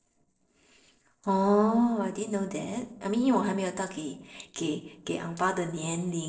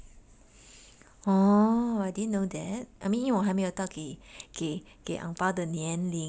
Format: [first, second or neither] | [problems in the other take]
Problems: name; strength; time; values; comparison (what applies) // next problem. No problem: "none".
second | noise reduction (neural separator model SepFormer DNS4)